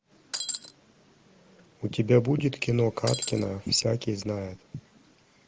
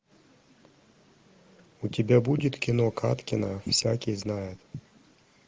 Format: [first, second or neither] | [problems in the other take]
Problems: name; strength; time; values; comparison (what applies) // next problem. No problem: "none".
second | background sound (Shatter); 5 dB below the speech